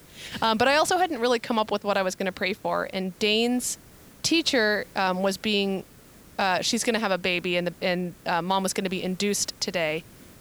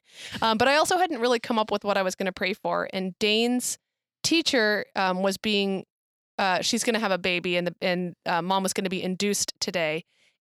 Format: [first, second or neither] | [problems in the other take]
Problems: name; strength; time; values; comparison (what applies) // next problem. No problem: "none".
second | hiss; faint; throughout; 25 dB below the speech